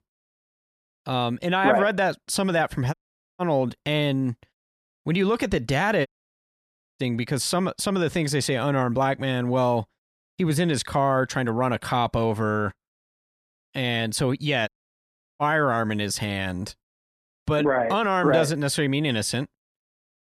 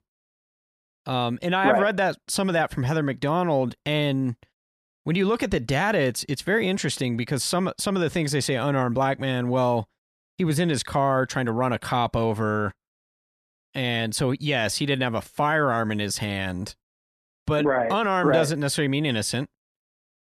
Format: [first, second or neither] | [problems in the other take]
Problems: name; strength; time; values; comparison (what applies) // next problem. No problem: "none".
second | audio cutting out; at 3 s, at 6 s for 1 s and at 15 s for 0.5 s